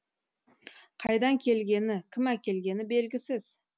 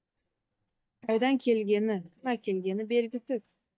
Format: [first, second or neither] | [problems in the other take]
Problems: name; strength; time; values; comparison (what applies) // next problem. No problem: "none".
first | noise reduction (neural mask model DeepFilterNet 3)